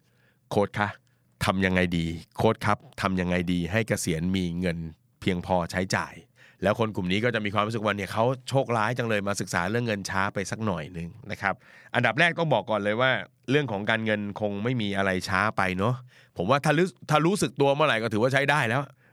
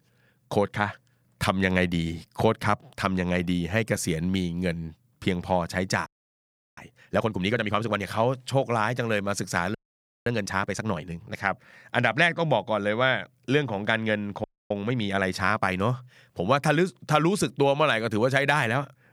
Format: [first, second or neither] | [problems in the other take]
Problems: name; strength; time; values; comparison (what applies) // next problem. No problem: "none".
first | audio freezing; at 6 s for 0.5 s, at 10 s for 0.5 s and at 14 s